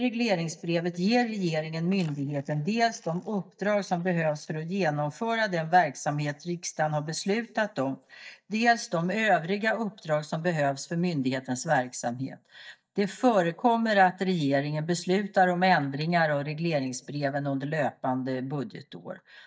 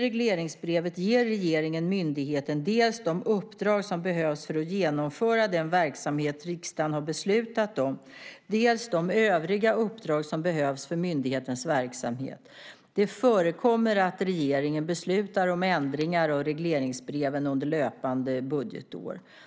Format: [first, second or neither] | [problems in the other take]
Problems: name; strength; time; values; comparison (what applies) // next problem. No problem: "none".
second | noise reduction (neural mask model DeepFilterNet 3)